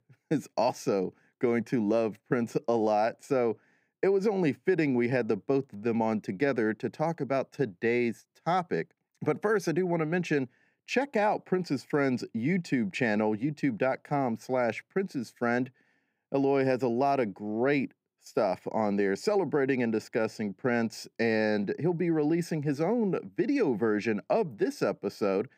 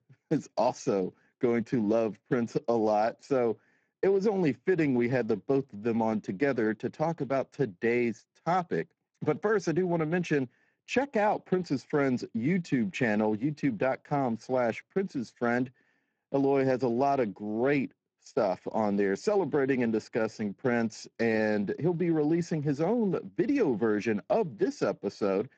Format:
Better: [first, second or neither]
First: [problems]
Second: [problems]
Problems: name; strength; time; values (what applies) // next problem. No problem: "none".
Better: first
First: none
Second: garbled, watery; badly; nothing above 7.5 kHz